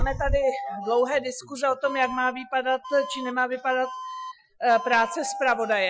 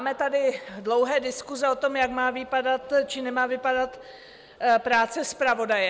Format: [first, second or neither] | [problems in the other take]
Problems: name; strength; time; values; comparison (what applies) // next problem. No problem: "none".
second | noise reduction (classical method Wiener filter)